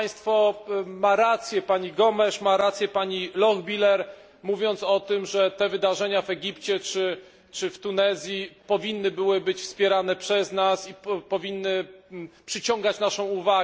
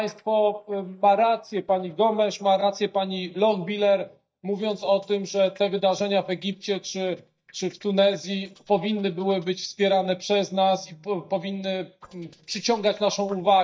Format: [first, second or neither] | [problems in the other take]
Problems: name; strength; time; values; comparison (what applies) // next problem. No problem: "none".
first | noise reduction (neural mask model DeepFilterNet 3)